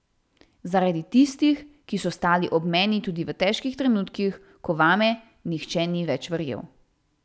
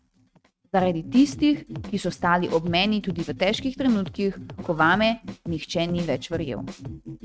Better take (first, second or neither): first